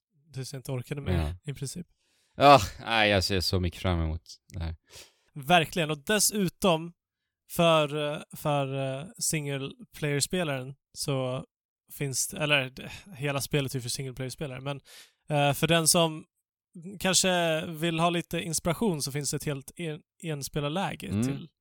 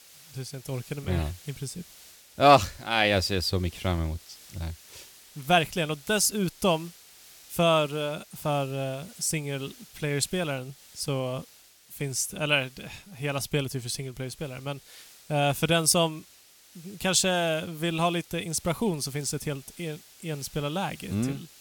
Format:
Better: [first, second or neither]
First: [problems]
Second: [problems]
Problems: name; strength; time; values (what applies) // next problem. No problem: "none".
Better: first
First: none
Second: hiss; faint; throughout; 20 dB below the speech